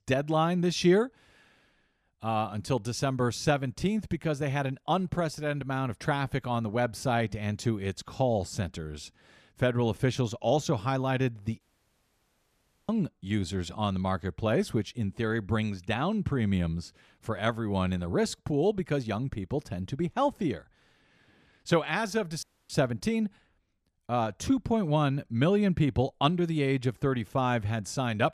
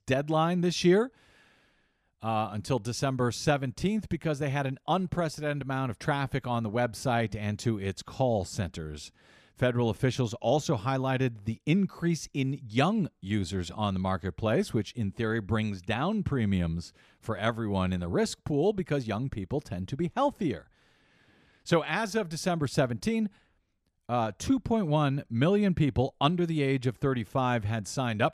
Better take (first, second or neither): second